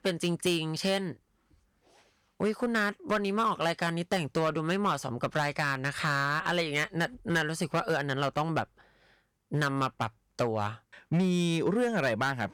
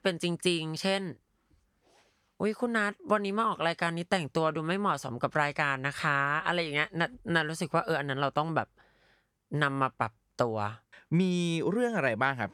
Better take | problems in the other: second | distortion; slight; 6% of the sound clipped

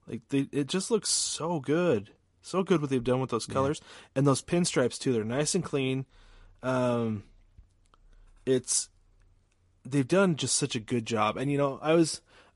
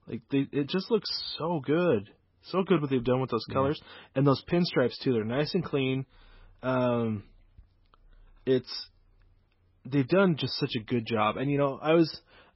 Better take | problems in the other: first | garbled, watery; badly; nothing above 5.5 kHz; slightly in the first

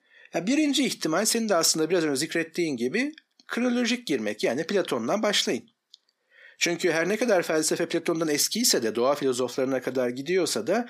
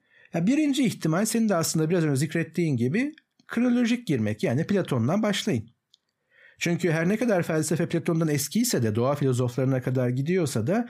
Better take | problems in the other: second | thin; somewhat; fading below 300 Hz

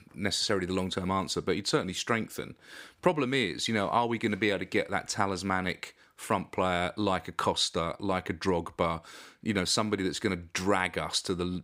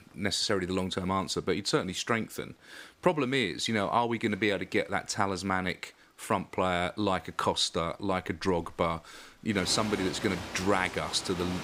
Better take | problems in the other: first | rain or running water; loud; throughout; 10 dB below the speech

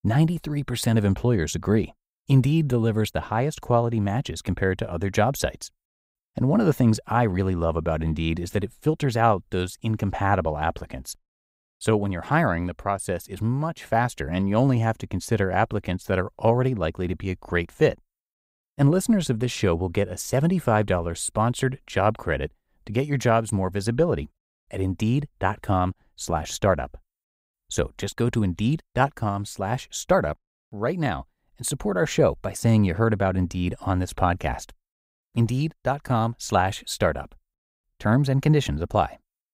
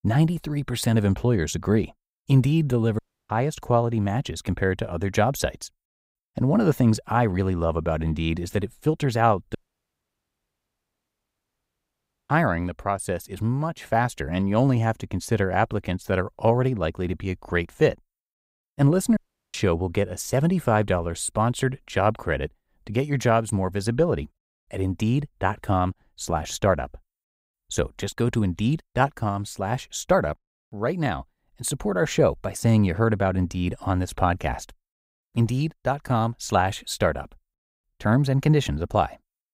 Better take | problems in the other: first | audio cutting out; at 3 s, at 9.5 s for 2.5 s and at 19 s

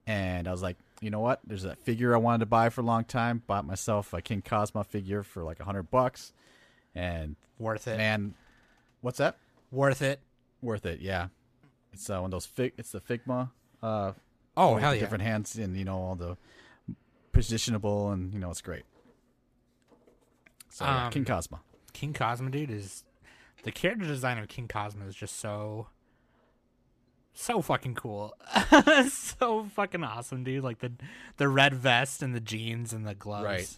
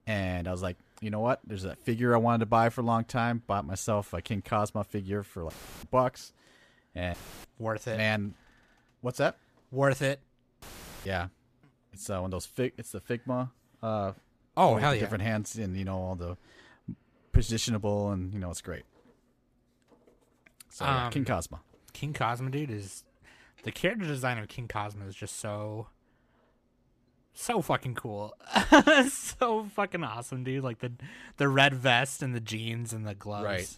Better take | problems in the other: first | audio cutting out; filled with static; at 5.5 s, at 7 s and at 11 s

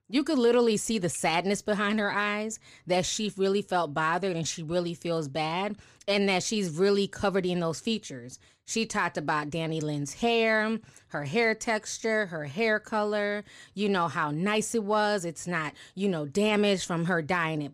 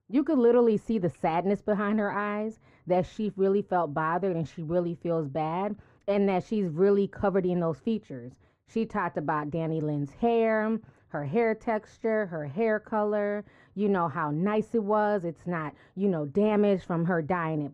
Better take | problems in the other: first | muffled; very; fading above 2.5 kHz

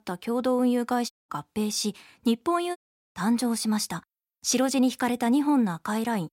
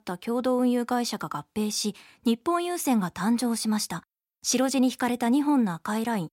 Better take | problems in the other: second | audio cutting out; at 1 s and at 3 s

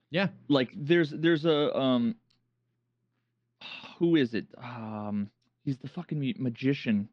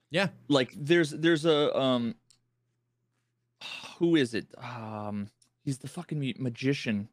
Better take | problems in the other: second | muffled; very slightly; fading above 4.5 kHz

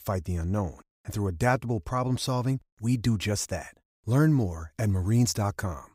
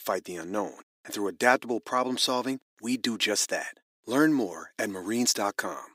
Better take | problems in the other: first | thin; somewhat; fading below 300 Hz

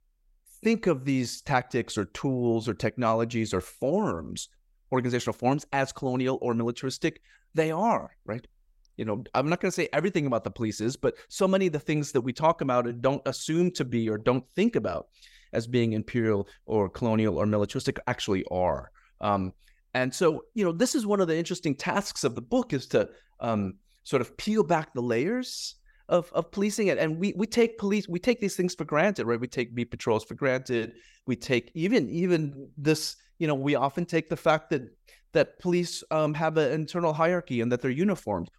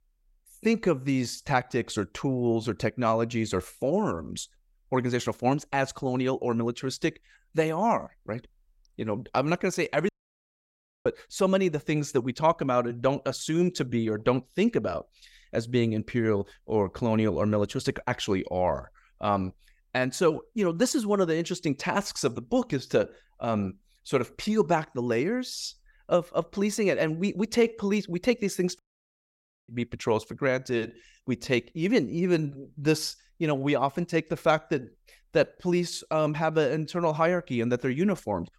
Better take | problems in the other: first | audio cutting out; at 10 s for 1 s and at 29 s for 1 s

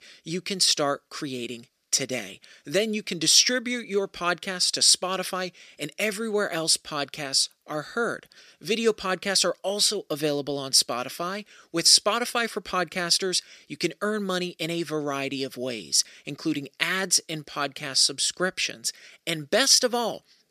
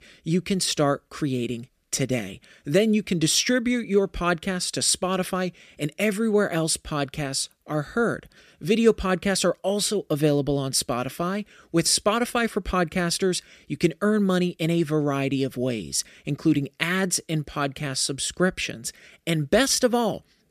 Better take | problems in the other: second | thin; very slightly; fading below 550 Hz

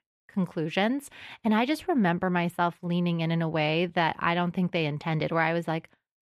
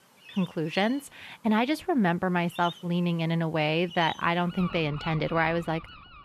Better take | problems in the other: first | animal sounds; noticeable; throughout; 15 dB below the speech

